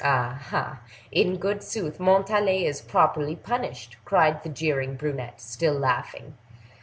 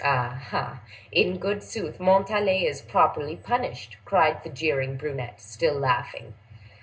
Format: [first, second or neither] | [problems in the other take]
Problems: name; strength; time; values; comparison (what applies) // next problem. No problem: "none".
first | room echo; dies away in 0.2 s